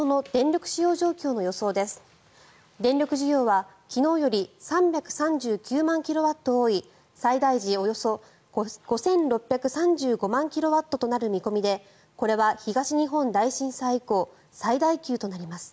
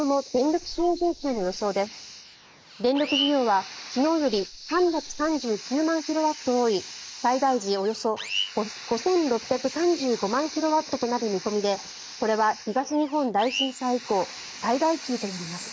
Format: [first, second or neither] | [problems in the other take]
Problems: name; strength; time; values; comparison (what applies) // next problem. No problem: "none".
first | noise reduction (neural mask model Resemble Enhance denoiser)